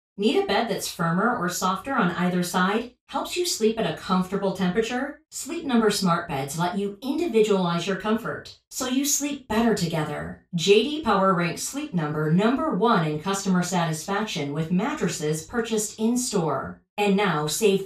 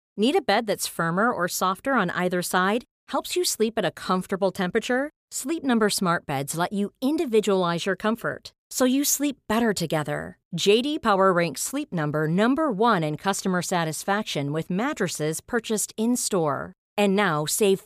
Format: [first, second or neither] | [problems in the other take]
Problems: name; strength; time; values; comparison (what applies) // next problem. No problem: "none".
second | room echo; slight; dies away in 0.2 s // off-mic speech; far